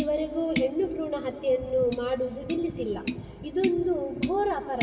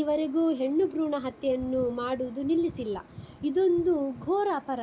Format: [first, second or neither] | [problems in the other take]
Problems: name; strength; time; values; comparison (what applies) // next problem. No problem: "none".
second | background sound (Tap); 8 dB below the speech // room echo; dies away in 2 s